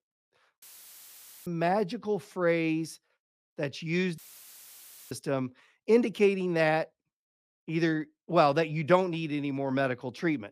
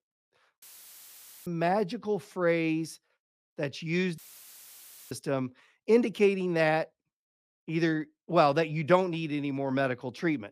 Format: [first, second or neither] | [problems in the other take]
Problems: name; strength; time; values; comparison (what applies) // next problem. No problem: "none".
neither | audio cutting out; filled with static; at 0.5 s for 1 s and at 4 s for 1 s; the same in both